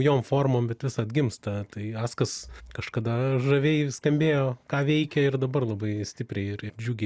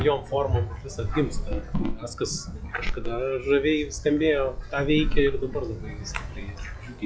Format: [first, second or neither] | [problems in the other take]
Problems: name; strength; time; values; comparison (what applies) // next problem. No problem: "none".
first | noise reduction (classical method log-MMSE)